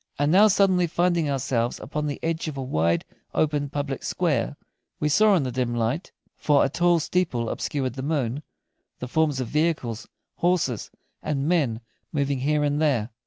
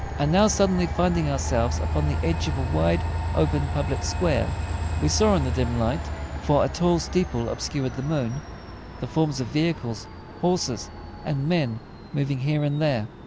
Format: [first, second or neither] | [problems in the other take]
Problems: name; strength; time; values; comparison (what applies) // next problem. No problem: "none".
first | background sound (Train); 5 dB below the speech